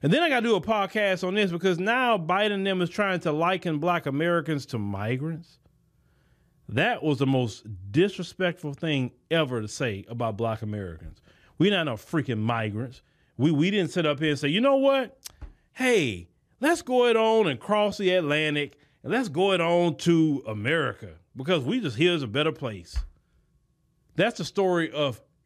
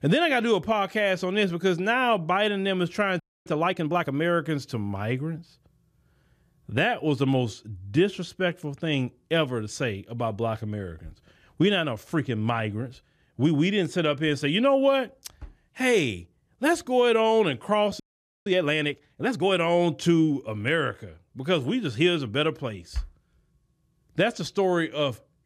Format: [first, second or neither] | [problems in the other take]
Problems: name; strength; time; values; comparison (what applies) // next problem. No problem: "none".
first | audio freezing; at 3 s and at 18 s